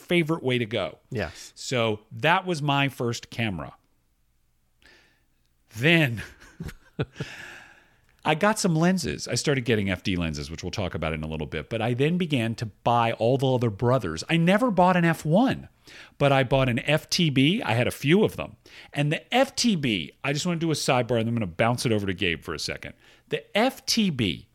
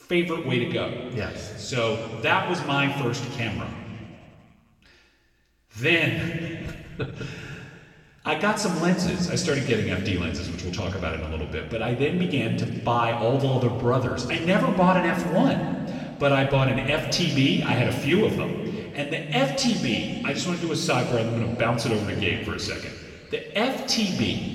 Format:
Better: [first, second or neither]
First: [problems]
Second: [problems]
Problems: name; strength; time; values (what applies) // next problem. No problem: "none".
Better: first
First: none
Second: room echo; noticeable; dies away in 2.1 s // off-mic speech; far